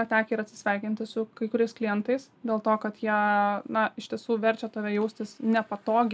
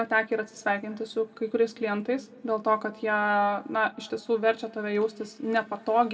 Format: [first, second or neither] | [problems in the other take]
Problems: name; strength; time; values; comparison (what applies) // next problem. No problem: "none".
first | room echo; dies away in 1.3 s